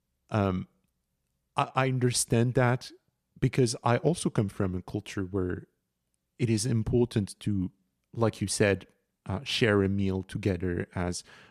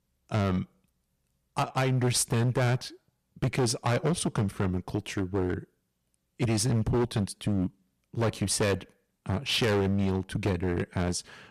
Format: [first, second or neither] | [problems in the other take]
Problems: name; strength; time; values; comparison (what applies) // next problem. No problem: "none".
first | distortion; heavy; 11% of the sound clipped